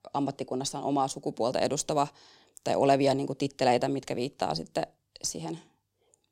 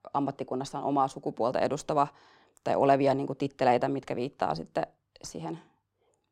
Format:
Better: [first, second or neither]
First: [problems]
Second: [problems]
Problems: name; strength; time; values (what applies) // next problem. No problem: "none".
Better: first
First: none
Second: muffled; slightly; fading above 3.5 kHz